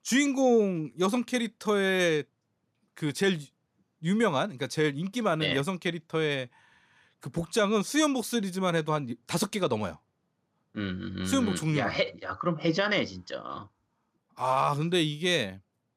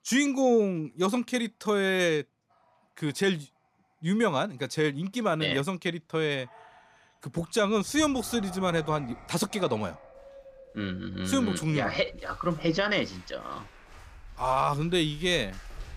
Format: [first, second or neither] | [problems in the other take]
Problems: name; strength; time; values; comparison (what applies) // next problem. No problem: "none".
first | animal sounds; faint; throughout; 20 dB below the speech